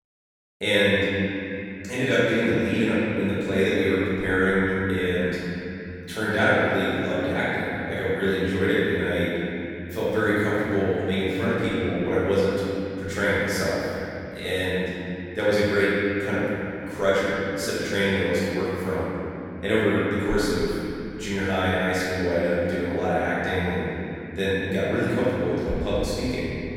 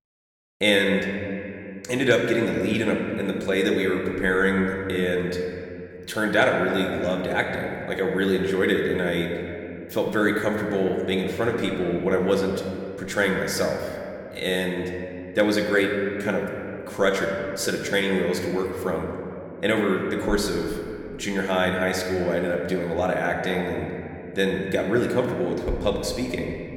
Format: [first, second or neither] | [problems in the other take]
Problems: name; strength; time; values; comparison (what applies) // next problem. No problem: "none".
second | room echo; strong; dies away in 3 s; slight in the second // off-mic speech; far